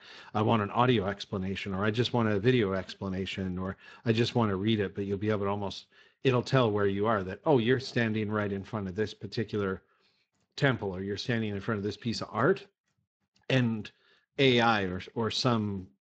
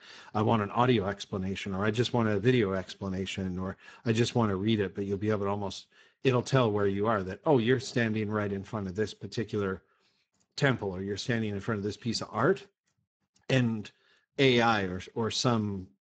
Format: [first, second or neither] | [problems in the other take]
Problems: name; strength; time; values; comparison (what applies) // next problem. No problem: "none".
first | garbled, watery; badly; nothing above 7.5 kHz; slightly in the first